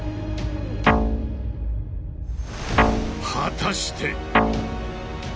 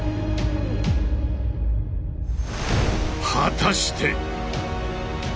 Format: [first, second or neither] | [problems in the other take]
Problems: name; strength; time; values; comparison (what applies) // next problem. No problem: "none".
second | background sound (Guitar); 2 dB above the speech